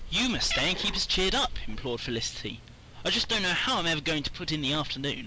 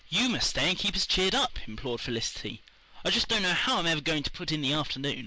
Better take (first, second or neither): second